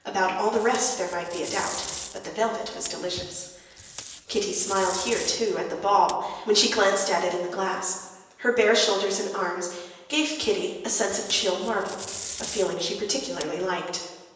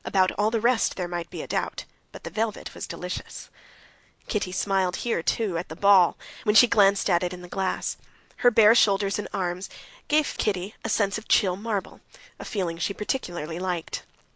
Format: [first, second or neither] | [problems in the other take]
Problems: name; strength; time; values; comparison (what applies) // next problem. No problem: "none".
second | background sound (Packing tape, duct tape); 13 dB below the speech // room echo; dies away in 1 s